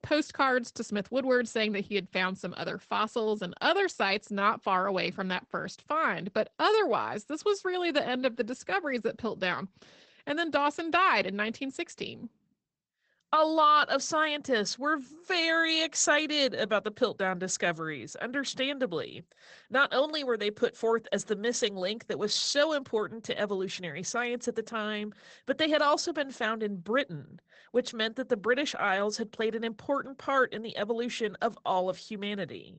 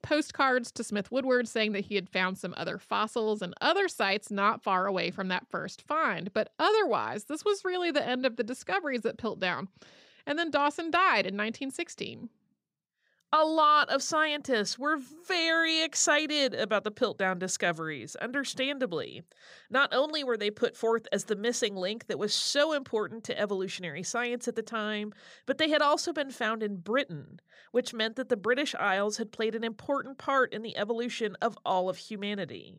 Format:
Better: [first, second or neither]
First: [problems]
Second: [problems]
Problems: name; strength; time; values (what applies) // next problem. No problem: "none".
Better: second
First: garbled, watery; badly; nothing above 8 kHz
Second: none